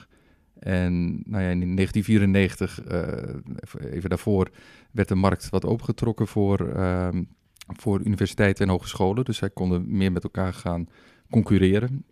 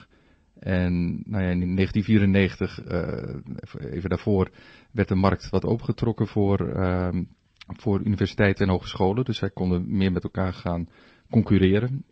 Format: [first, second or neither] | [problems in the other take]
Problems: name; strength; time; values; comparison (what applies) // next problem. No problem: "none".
first | garbled, watery; slightly